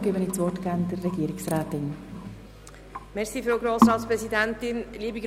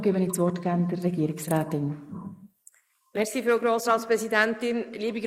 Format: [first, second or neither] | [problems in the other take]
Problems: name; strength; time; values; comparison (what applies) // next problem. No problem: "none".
first | noise reduction (neural mask model Resemble Enhance denoiser)